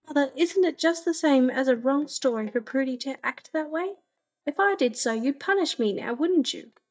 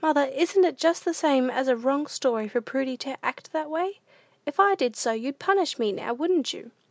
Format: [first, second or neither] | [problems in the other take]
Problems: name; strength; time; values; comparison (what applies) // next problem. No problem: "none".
second | noise reduction (neural mask model DeepFilterNet 3)